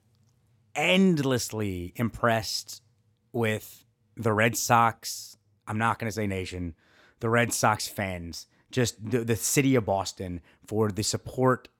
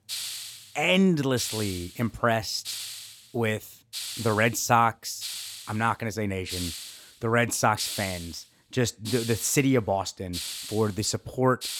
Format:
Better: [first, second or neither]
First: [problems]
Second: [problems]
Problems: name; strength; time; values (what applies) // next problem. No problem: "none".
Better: first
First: none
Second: hiss; loud; throughout; 9 dB below the speech